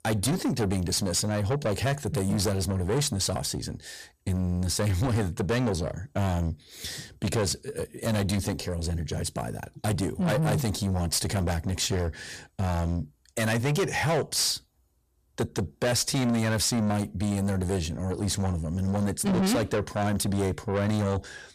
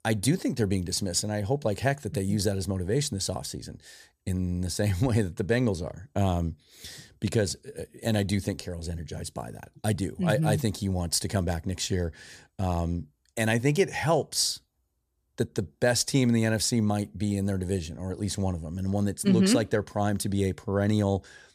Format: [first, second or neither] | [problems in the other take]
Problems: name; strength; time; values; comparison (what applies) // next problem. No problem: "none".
second | distortion; heavy; 6 dB below the speech